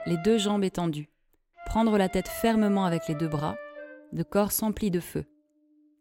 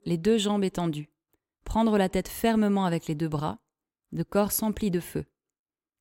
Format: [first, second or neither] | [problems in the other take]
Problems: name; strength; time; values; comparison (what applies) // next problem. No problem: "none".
second | background music; noticeable; throughout; 15 dB below the speech